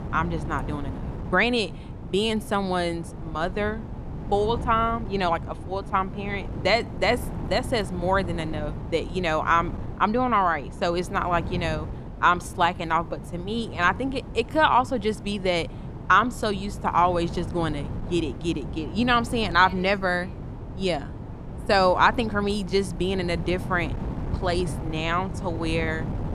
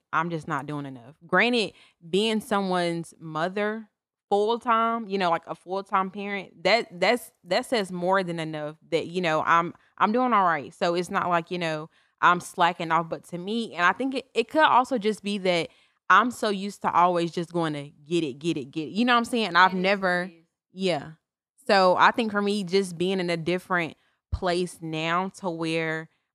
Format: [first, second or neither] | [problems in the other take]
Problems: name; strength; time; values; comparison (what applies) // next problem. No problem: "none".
second | wind noise on the microphone; occasional gusts; 20 dB below the speech